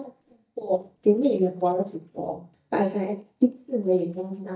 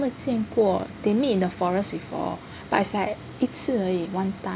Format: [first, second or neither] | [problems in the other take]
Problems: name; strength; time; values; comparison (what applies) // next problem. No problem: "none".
second | noise reduction (neural mask model DeepFilterNet 3)